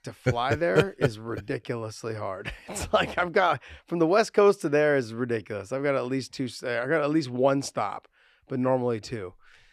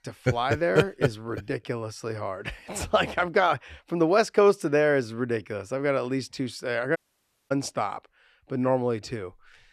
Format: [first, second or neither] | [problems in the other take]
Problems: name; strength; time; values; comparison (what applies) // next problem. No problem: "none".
first | audio cutting out; at 7 s for 0.5 s